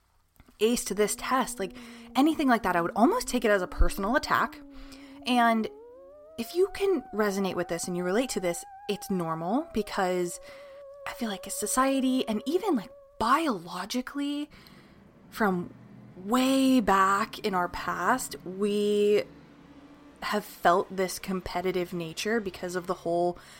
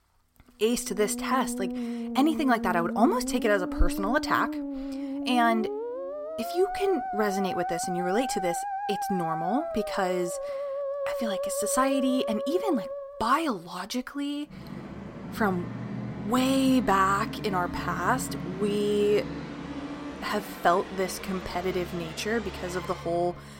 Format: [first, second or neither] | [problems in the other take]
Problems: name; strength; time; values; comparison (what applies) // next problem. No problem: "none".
first | background music; loud; throughout; 6 dB below the speech; faint in the first